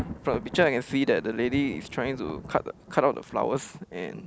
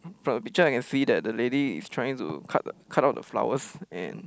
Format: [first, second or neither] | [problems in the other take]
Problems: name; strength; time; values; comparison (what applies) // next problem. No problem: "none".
second | background sound (Thunder); 14 dB below the speech